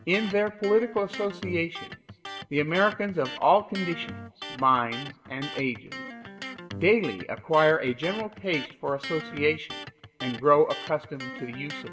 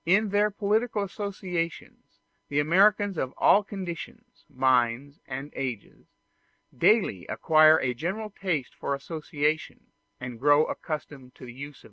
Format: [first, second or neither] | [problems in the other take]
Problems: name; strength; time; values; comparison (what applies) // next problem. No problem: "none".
second | background sound (Electric guitar); 13 dB below the speech // room echo; dies away in 0.9 s